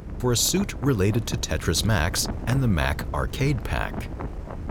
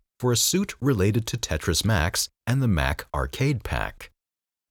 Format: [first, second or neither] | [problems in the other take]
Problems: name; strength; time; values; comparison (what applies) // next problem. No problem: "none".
second | wind noise on the microphone; occasional gusts; 15 dB below the speech